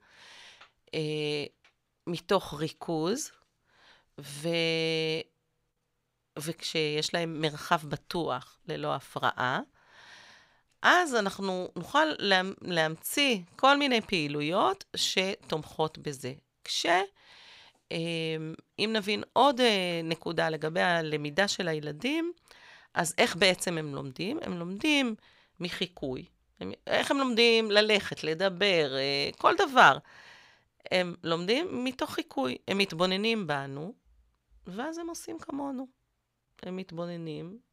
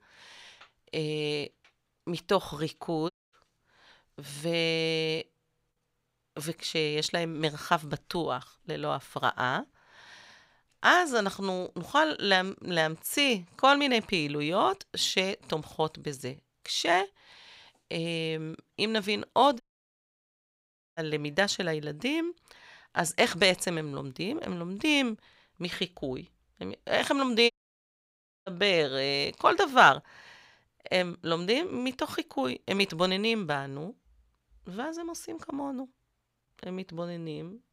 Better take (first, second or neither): first